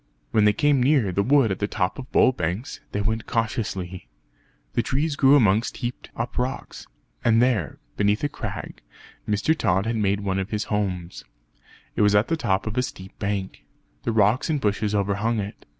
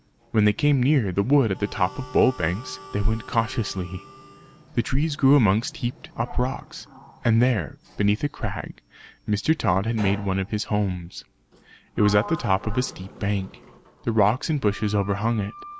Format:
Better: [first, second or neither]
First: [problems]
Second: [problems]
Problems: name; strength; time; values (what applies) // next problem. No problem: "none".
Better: first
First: none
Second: background sound (Harmonica + Sliding door); 20 dB below the speech